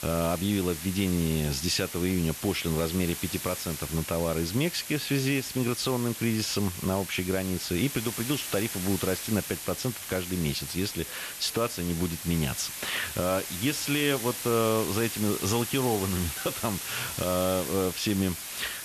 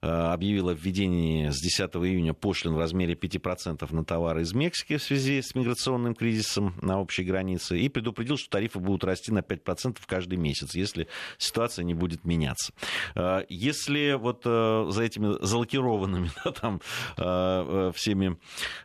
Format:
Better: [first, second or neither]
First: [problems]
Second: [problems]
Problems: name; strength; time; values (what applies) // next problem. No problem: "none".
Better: second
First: hiss; loud; throughout; 6 dB below the speech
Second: none